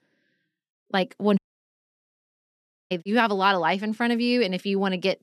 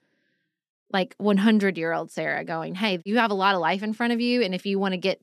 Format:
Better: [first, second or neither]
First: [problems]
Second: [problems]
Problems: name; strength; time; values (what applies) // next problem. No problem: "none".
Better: second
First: audio cutting out; at 1.5 s for 1.5 s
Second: none